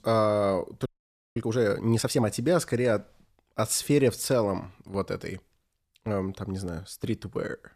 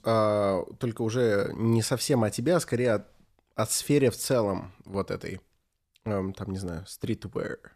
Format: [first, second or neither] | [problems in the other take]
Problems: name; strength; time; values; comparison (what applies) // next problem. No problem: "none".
second | audio freezing; at 1 s for 0.5 s